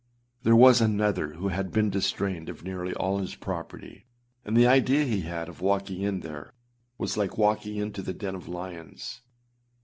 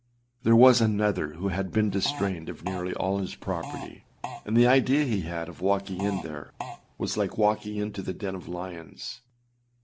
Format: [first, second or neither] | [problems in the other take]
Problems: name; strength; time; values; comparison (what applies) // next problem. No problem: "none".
first | background sound (Fart); 13 dB below the speech